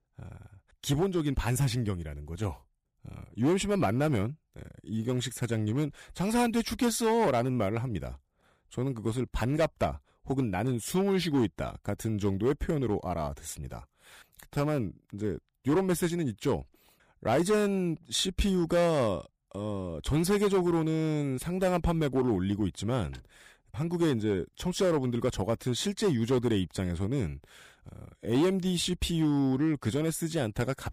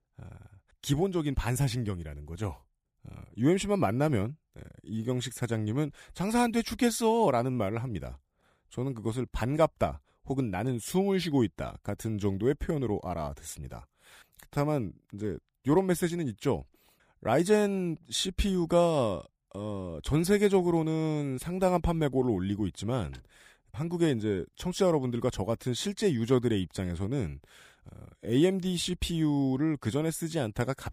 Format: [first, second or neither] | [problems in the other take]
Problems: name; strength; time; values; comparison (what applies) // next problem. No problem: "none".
second | distortion; slight; 5% of the sound clipped